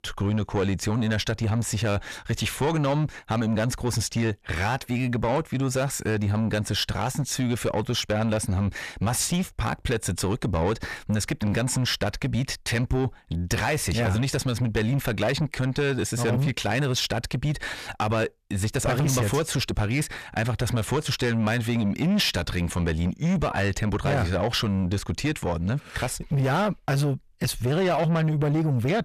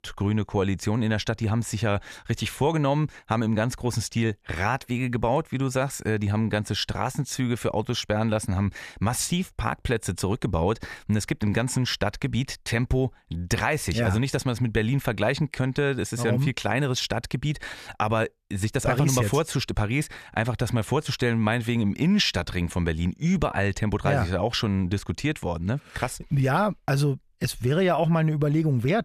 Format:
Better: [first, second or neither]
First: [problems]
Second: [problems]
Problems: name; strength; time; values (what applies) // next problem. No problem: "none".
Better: second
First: distortion; slight; 10 dB below the speech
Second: none